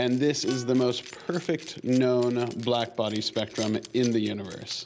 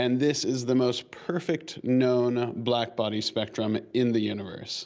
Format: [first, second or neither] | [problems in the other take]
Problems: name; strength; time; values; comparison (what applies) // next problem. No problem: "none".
second | background sound (Plucked string instrument + Keys jangling); 19 dB below the speech